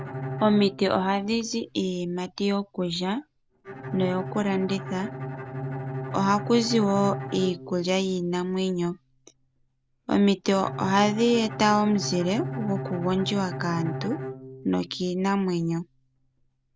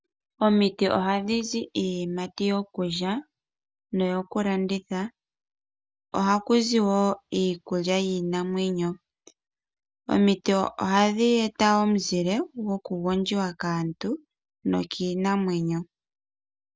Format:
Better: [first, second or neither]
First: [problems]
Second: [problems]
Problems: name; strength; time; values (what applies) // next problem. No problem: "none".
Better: second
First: background sound (Bowed string instrument); 11 dB below the speech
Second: none